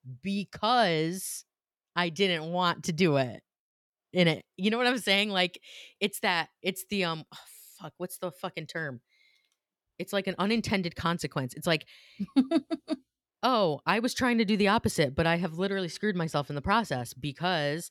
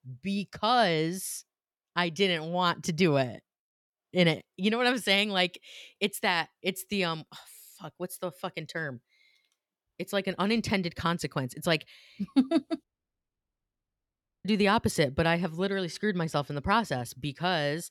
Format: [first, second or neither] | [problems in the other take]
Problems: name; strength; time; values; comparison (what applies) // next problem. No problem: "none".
first | audio cutting out; at 13 s for 1.5 s